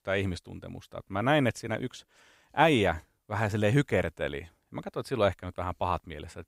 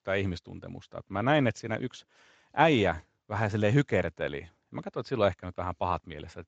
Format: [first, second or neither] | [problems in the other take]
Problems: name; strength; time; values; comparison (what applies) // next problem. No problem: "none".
first | garbled, watery; slightly; nothing above 7.5 kHz